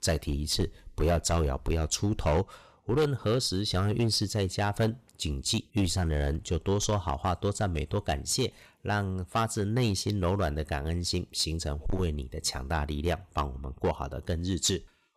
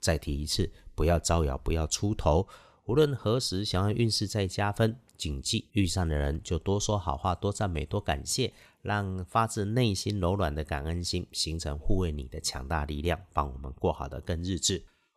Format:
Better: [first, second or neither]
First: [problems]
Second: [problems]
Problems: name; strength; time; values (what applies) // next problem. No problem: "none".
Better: second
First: distortion; slight; 5% of the sound clipped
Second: none